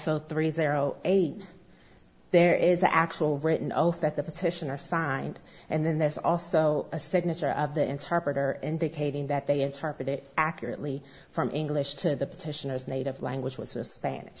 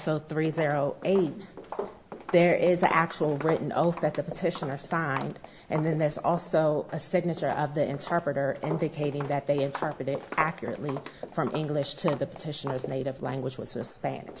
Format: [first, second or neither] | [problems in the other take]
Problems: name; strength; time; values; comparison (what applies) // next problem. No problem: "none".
first | background sound (Walk, footsteps); 13 dB below the speech